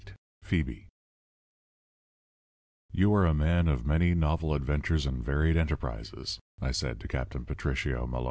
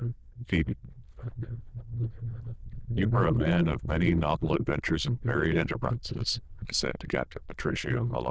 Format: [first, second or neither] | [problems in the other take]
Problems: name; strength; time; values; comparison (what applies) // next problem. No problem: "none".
first | noise reduction (neural diffusion model UNIVERSE++)